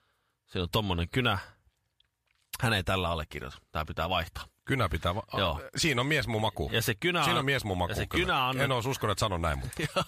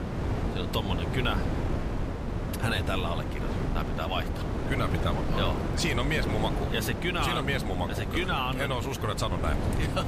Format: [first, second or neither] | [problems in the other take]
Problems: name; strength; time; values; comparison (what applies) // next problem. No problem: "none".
first | wind noise on the microphone; heavy; 5 dB below the speech